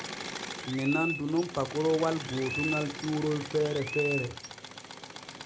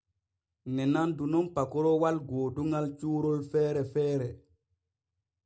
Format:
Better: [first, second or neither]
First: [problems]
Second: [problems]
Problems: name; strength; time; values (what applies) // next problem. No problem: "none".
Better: second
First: background sound (Chirp, tweet + Engine / Mechanisms); 7 dB below the speech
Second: none